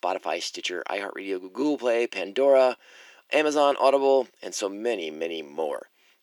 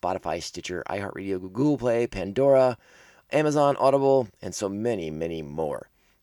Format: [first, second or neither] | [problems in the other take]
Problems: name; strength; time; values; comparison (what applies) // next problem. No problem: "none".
second | thin; very slightly; fading below 300 Hz